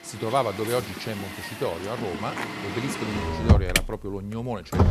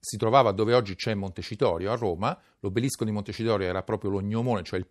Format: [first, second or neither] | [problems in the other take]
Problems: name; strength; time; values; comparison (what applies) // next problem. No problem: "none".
second | traffic noise; very loud; throughout; 2 dB above the speech